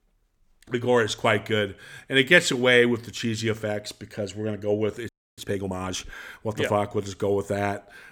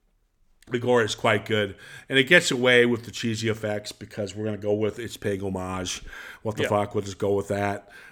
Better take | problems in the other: second | audio freezing; at 5 s

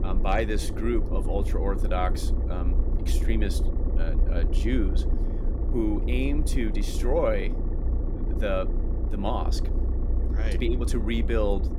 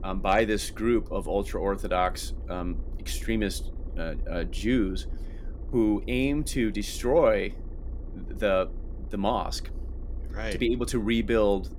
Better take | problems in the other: second | low rumble; loud; throughout; 9 dB below the speech; faint in the second

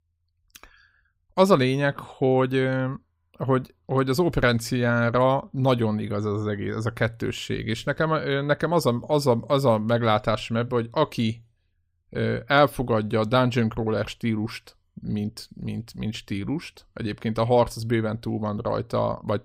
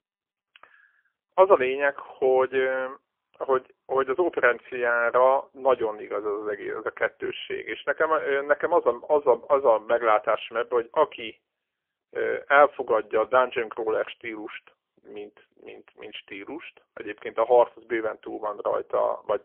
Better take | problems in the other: first | phone-call audio; poor line; nothing above 3.5 kHz

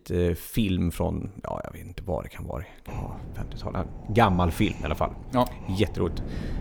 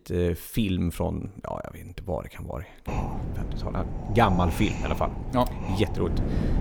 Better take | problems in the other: first | wind noise on the microphone; heavy; from 3 s on; 8 dB below the speech; occasional gusts in the first

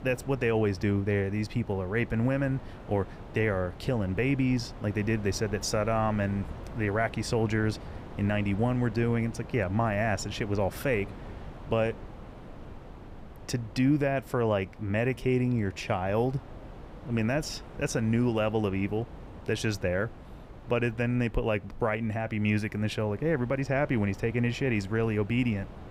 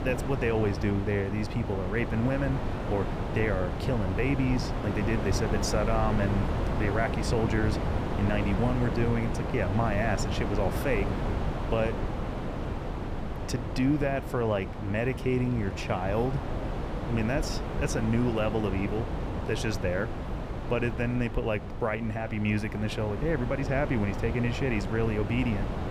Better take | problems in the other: first | wind noise on the microphone; heavy; 5 dB below the speech; occasional gusts in the first

